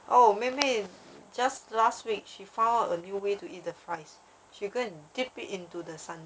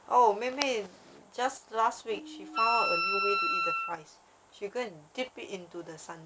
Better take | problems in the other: first | background sound (Wind instrument, woodwind instrument); as loud as the speech

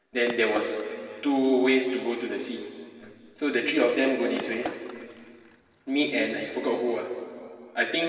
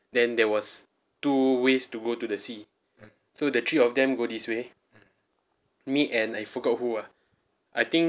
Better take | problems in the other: second | background sound (Skateboard); 15 dB below the speech // room echo; dies away in 2.4 s

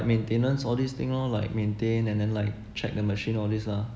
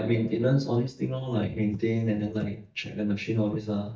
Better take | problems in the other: first | noise reduction (neural mask model DeepFilterNet 3)

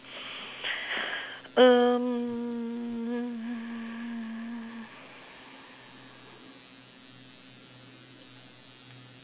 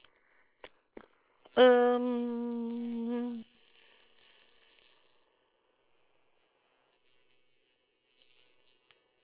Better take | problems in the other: first | noise reduction (neural separator model SepFormer WHAM!)

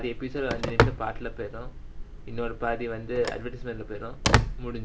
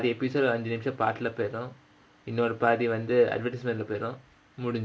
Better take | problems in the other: second | background sound (Telephone); 4 dB above the speech

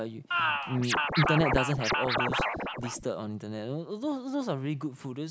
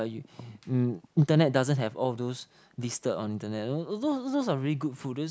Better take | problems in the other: second | background sound (Scratching (performance technique)); 2 dB above the speech

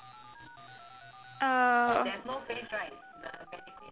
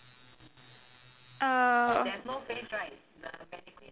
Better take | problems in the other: second | background sound (Telephone); 19 dB below the speech

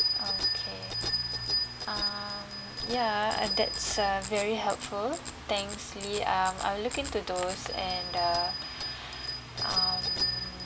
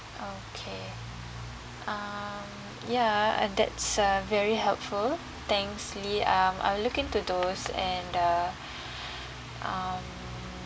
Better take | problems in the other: second | background sound (Bicycle bell); 2 dB below the speech

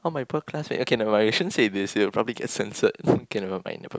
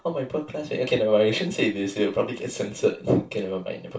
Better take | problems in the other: first | room echo; dies away in 0.2 s

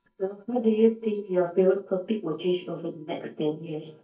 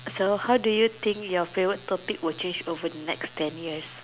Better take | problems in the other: second | noise reduction (neural mask model DeepFilterNet 3)

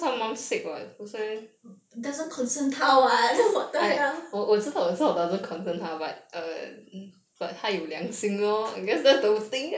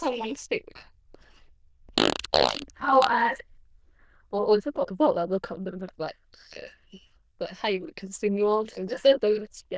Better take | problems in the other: first | noise reduction (neural diffusion model UNIVERSE++)

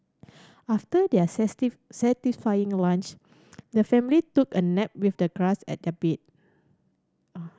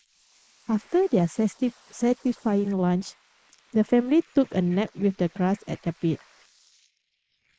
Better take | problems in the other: first | noise reduction (neural mask model Resemble Enhance denoiser)

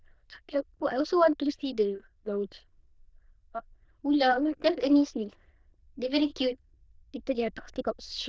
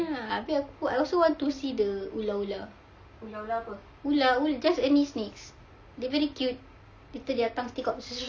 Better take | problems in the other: second | noise reduction (neural diffusion model UNIVERSE++)

